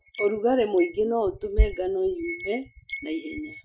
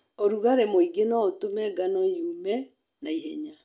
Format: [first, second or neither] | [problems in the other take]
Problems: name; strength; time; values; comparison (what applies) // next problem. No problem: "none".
second | noise reduction (classical method Wiener filter)